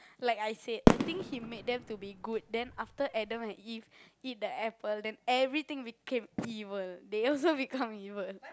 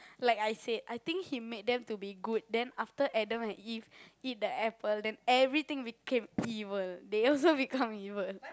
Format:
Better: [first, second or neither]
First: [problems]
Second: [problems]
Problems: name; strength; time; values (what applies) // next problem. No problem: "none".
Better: second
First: background sound (Fireworks); 3 dB above the speech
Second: none